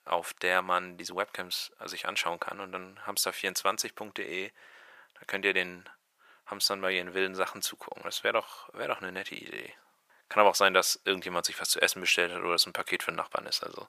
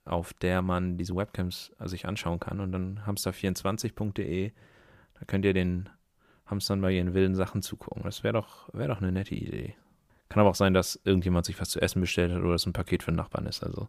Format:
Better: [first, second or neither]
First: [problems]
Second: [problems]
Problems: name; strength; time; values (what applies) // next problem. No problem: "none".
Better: second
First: thin; very; fading below 700 Hz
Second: none